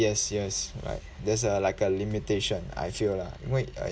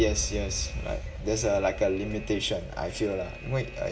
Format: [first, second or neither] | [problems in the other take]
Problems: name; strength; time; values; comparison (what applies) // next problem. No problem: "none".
first | background sound (Alarm); 8 dB below the speech // room echo; dies away in 0.4 s